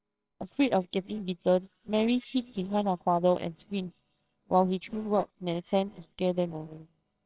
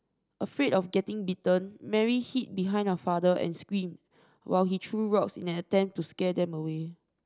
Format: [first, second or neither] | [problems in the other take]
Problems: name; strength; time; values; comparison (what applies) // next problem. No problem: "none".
second | noise reduction (neural separator model SepFormer WHAMR!)